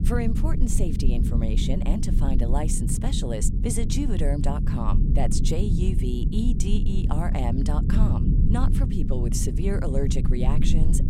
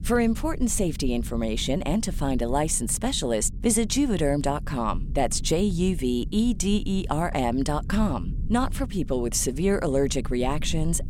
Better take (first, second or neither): second